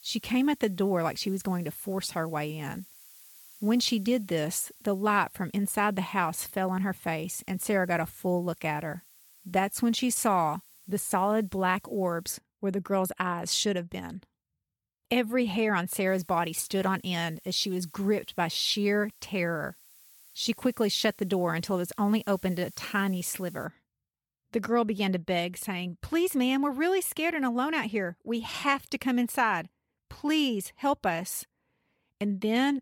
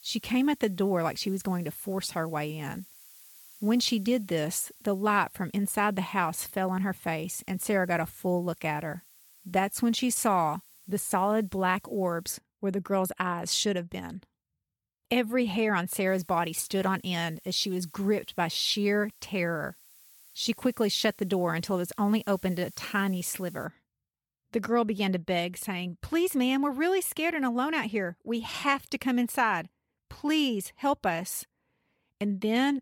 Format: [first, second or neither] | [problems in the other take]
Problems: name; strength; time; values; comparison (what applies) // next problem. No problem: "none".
neither | hiss; faint; until 12 s and from 16 to 24 s; 25 dB below the speech; the same in both